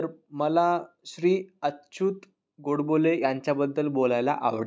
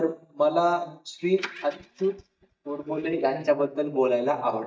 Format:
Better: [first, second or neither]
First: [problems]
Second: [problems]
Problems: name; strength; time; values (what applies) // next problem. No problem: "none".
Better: first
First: none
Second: noise reduction (neural mask model DeepFilterNet 3)